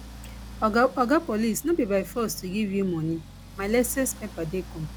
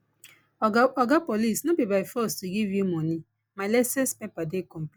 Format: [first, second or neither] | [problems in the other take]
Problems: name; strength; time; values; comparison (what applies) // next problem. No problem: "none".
second | background sound (Accelerating, revving, vroom); 15 dB below the speech